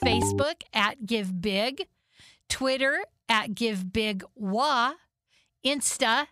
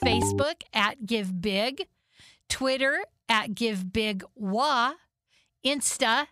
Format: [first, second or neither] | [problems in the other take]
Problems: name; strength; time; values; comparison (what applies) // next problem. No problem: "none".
neither | phone ringing; noticeable; at the start; peak level with the speech; the same in both